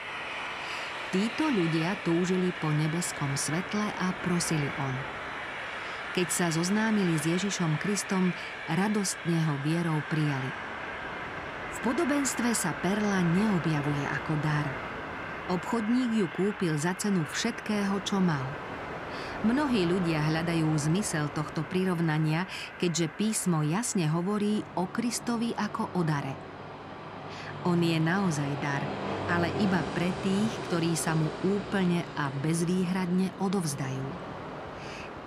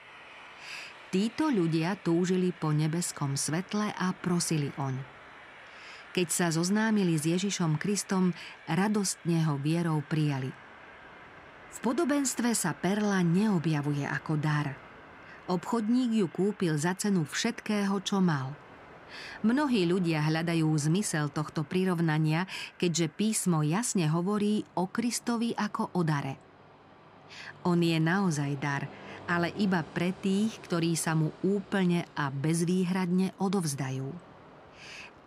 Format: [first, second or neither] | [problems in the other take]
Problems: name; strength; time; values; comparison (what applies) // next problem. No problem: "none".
second | train or aircraft noise; loud; throughout; 8 dB below the speech; faint in the second